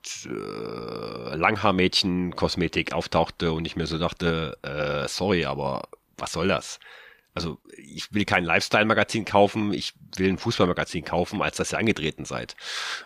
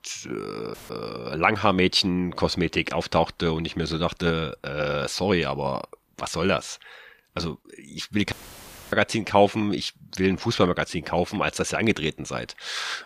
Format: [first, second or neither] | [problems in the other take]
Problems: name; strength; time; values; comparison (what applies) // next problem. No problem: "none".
first | audio cutting out; filled with static; at 0.5 s and at 8.5 s for 0.5 s